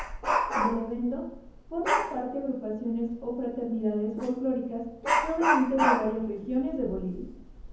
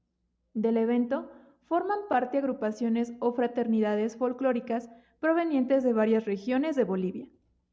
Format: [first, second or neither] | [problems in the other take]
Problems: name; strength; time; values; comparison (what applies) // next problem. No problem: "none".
second | background sound (Dog); 1 dB below the speech // room echo; dies away in 0.7 s